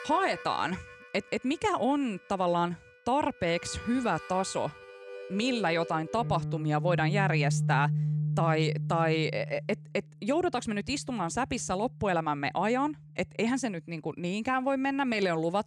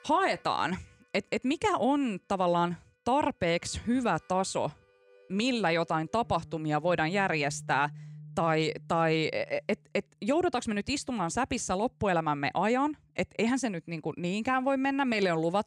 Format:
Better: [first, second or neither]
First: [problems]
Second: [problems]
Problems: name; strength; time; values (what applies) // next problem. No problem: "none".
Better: second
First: background music; loud; throughout; 4 dB below the speech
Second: background music; faint; throughout; 20 dB below the speech